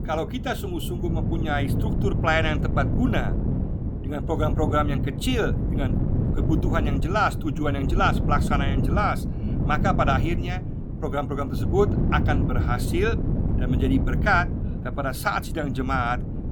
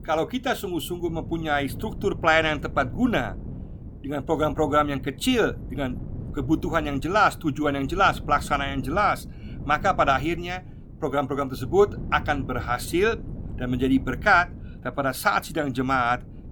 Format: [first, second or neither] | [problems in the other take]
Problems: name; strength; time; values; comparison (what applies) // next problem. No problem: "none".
second | wind noise on the microphone; heavy; 9 dB below the speech; occasional gusts in the second